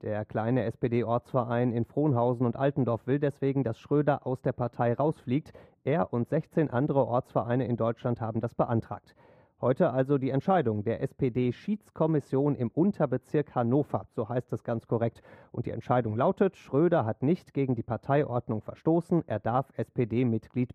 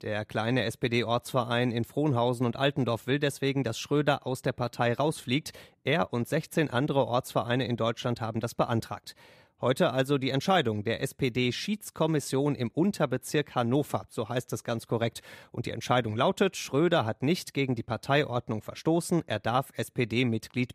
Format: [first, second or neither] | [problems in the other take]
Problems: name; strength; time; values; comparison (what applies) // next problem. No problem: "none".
second | muffled; very; fading above 2 kHz